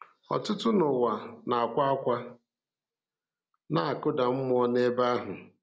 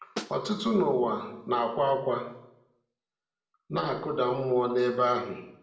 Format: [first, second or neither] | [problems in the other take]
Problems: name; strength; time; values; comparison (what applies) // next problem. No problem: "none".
first | background sound (Snare drum); 10 dB below the speech // room echo; dies away in 0.6 s